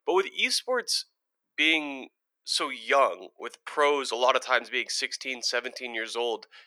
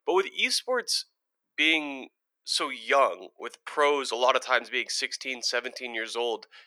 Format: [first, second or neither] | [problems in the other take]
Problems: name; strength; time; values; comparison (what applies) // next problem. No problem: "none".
neither | thin; very; fading below 400 Hz; the same in both